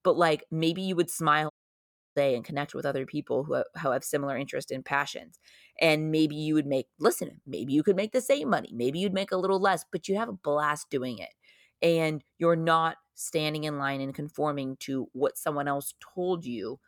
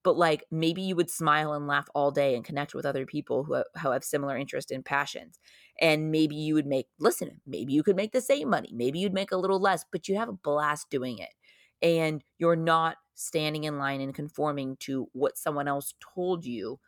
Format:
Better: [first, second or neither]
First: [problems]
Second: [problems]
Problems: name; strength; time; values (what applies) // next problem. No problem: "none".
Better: second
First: audio cutting out; at 1.5 s for 0.5 s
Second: none